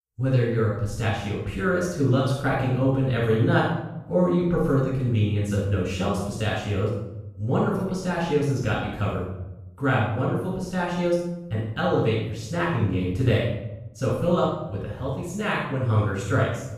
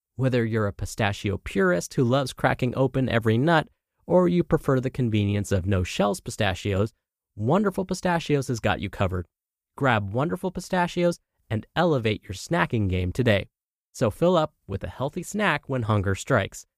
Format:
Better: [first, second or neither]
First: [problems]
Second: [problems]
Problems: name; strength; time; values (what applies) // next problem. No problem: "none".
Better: second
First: off-mic speech; far // room echo; strong; dies away in 0.8 s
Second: none